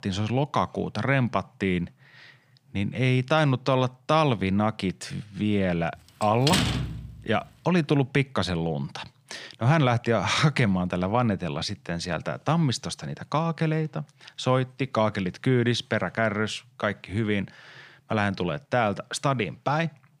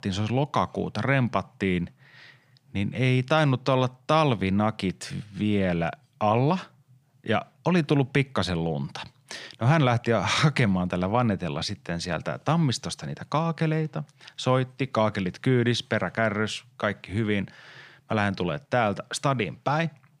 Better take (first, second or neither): second